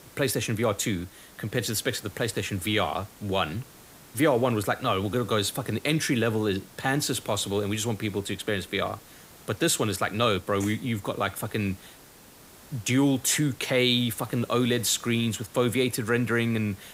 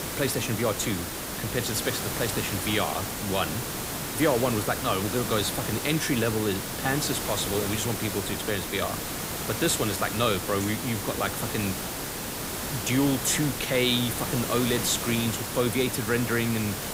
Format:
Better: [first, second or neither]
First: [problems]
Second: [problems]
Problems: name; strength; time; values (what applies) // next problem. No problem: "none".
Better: first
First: hiss; faint; throughout; 20 dB below the speech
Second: hiss; loud; throughout; 3 dB below the speech